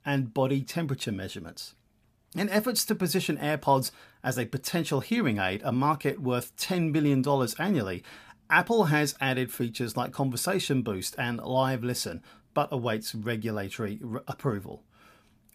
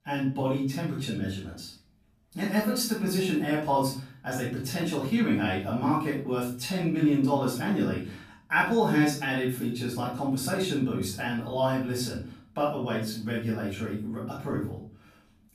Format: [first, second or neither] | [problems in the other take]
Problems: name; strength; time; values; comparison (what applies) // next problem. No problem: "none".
first | off-mic speech; far // room echo; noticeable; dies away in 0.4 s